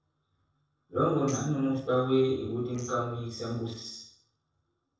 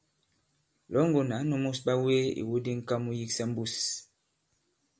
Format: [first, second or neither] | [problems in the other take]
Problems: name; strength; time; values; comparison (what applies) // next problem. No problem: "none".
second | noise reduction (neural separator model SepFormer DNS4)